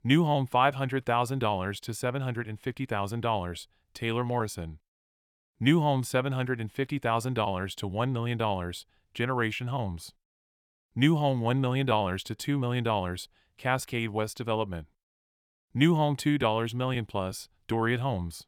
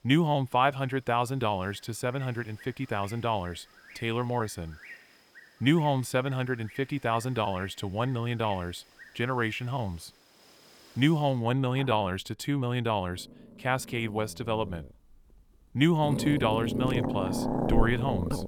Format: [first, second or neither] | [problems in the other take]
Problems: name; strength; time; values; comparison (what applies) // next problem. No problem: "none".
first | animal sounds; loud; throughout; 5 dB below the speech